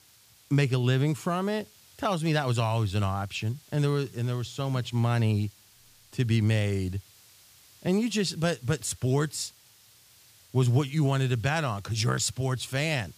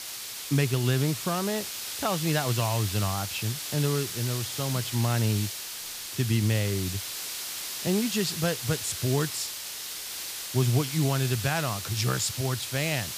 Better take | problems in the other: first | hiss; loud; throughout; 5 dB below the speech; faint in the first

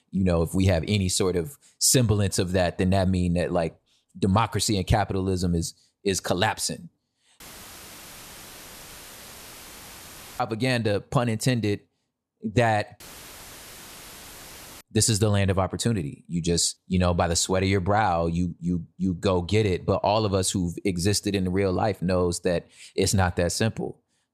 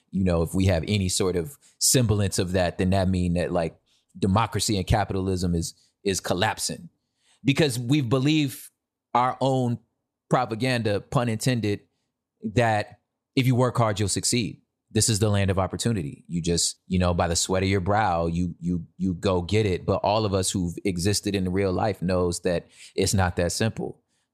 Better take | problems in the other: second | audio cutting out; filled with static; at 7.5 s for 3 s and at 13 s for 2 s

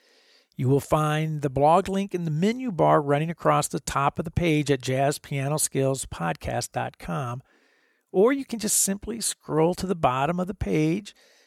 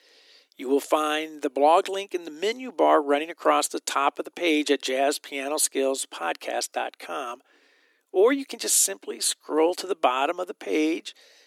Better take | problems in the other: first | thin; somewhat; fading below 300 Hz

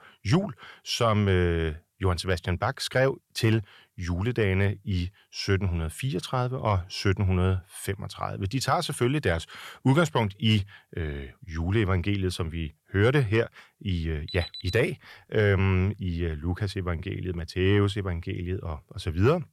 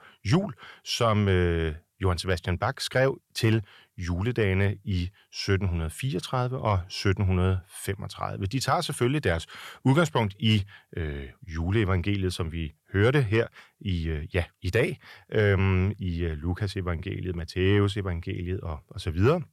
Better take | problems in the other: second | alarm; faint; at 14 s; peak 10 dB below the speech

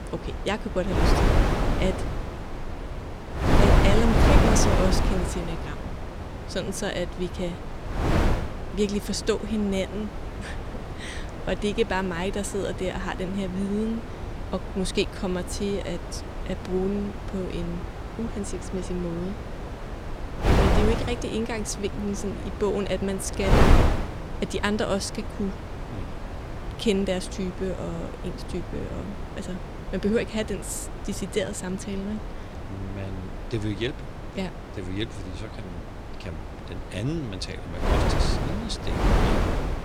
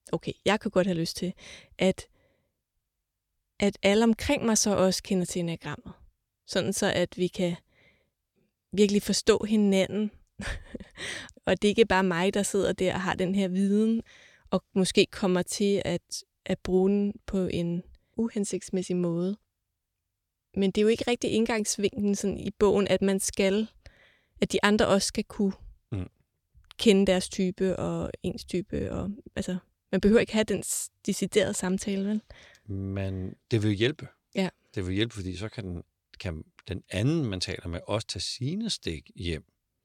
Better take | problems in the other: second | wind noise on the microphone; heavy; 1 dB below the speech

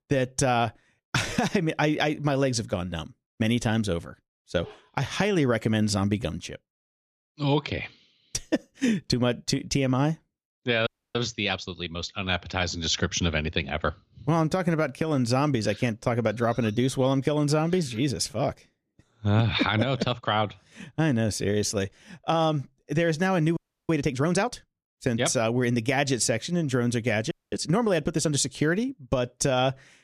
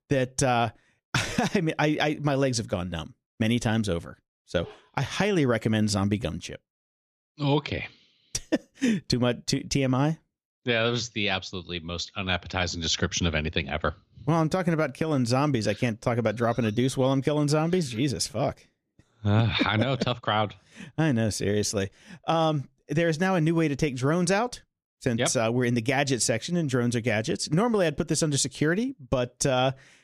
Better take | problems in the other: second | audio freezing; at 11 s, at 24 s and at 27 s

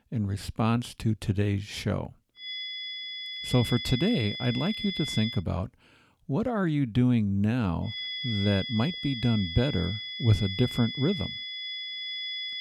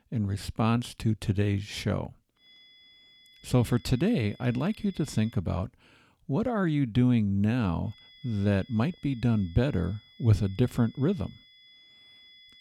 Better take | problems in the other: second | high-pitched whine; loud; from 2.5 to 5.5 s and from 8 s on; 3.5 kHz, 5 dB below the speech; faint in the second

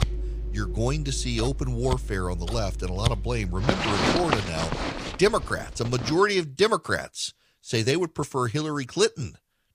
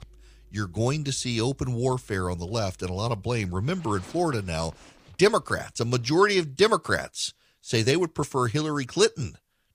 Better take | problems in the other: second | household noises; loud; until 6 s; 4 dB below the speech; faint in the second

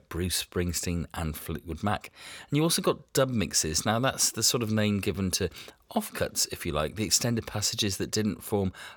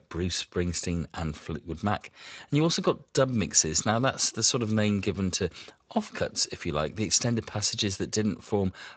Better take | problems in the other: first | garbled, watery; slightly; nothing above 7.5 kHz

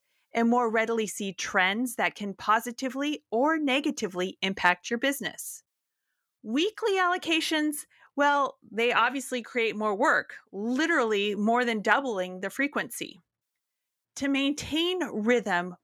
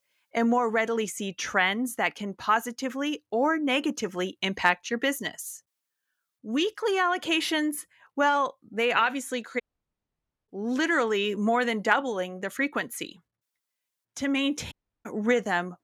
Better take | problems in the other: first | audio cutting out; at 9.5 s for 1 s and at 15 s

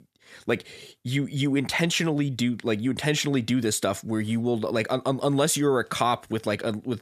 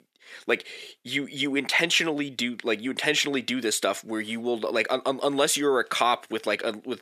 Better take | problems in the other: first | thin; very slightly; fading below 350 Hz

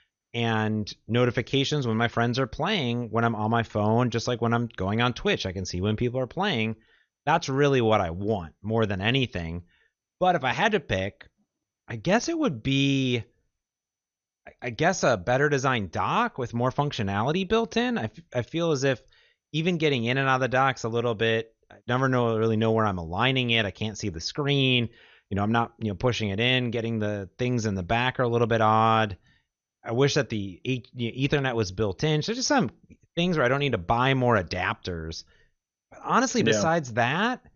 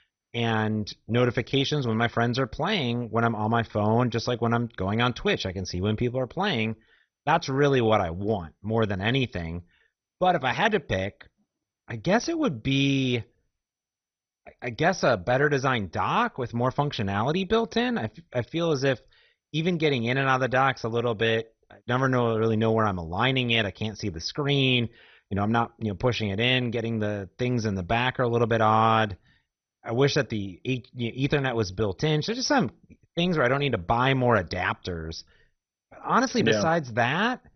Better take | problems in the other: first | garbled, watery; badly; nothing above 6 kHz; slightly in the first

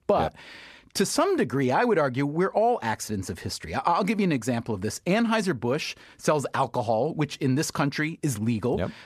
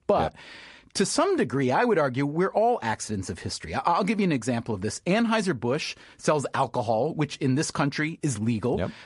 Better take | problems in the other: first | garbled, watery; slightly; nothing above 11 kHz

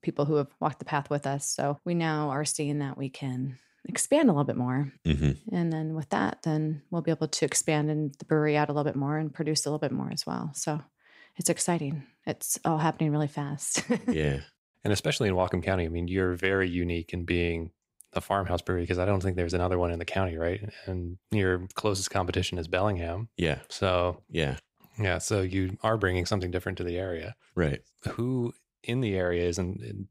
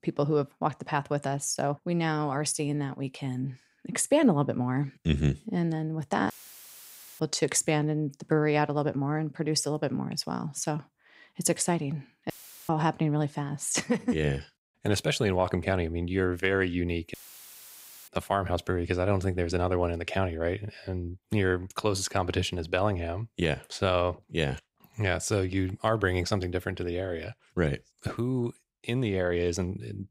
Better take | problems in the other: first | audio cutting out; filled with static; at 6.5 s for 1 s, at 12 s and at 17 s for 1 s

